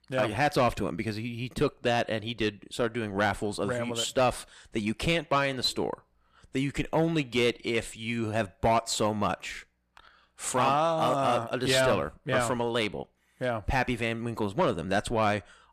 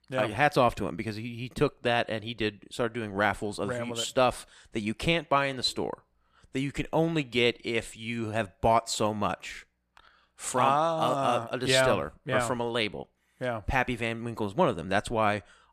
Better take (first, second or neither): second